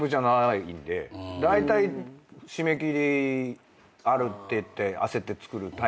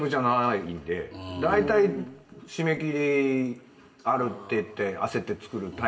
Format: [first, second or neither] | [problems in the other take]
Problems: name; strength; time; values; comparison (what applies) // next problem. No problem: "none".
first | room echo; dies away in 0.7 s